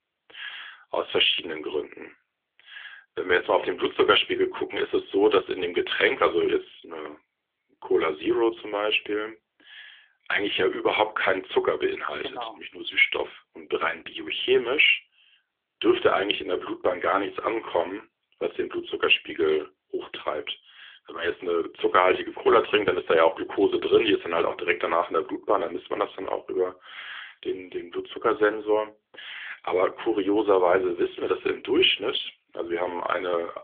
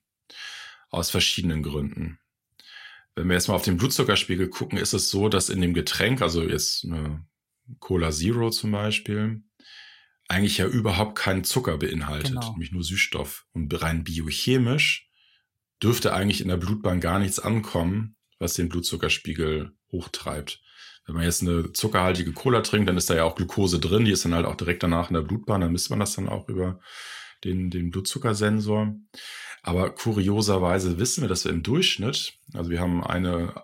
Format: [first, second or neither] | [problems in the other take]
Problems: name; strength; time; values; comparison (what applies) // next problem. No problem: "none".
second | phone-call audio; nothing above 3.5 kHz